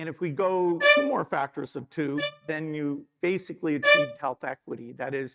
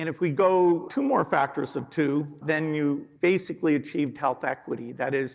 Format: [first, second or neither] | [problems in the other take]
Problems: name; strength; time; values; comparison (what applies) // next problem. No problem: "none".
second | noise reduction (neural mask model RNNoise)